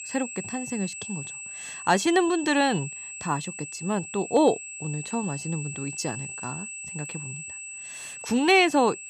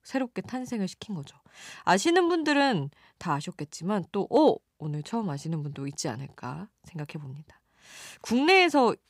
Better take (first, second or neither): second